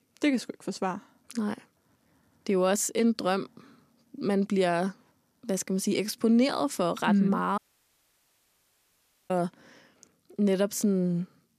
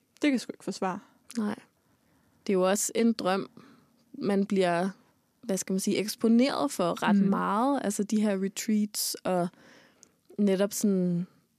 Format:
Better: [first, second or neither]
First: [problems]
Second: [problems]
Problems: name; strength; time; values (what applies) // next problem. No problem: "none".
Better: second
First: audio cutting out; at 7.5 s for 1.5 s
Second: none